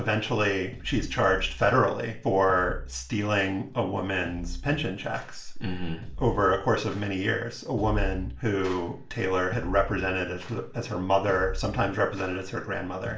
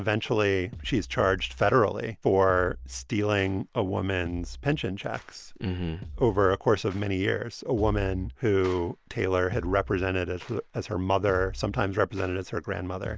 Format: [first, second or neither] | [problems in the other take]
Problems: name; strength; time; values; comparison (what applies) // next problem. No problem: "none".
second | room echo; dies away in 0.4 s